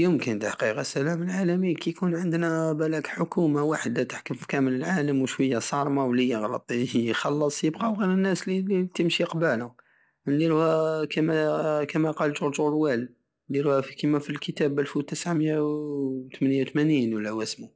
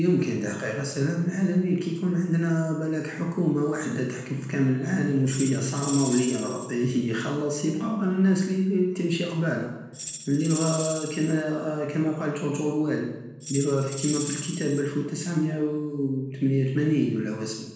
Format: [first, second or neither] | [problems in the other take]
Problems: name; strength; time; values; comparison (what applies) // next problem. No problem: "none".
first | background sound (Tambourine); 11 dB below the speech // room echo; dies away in 1 s